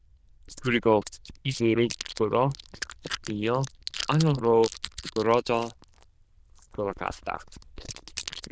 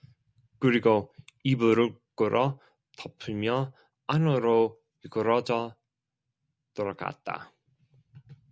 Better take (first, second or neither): second